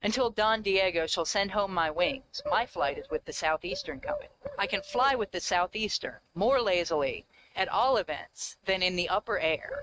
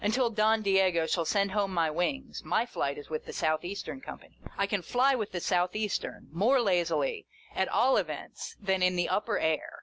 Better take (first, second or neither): second